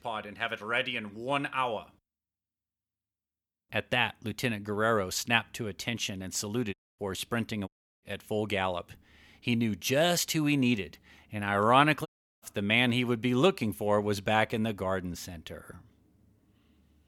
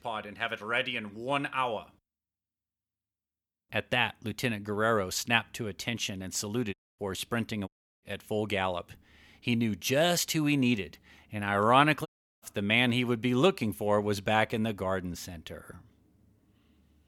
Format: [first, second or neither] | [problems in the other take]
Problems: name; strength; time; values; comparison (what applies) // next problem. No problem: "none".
neither | audio cutting out; at 6.5 s, at 7.5 s and at 12 s; the same in both